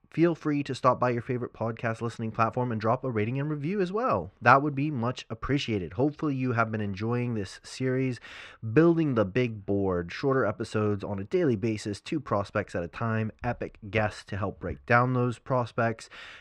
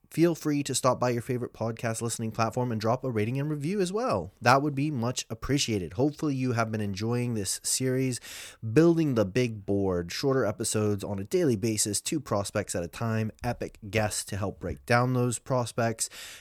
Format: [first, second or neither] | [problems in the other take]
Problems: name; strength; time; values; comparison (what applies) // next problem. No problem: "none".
second | muffled; very; fading above 2.5 kHz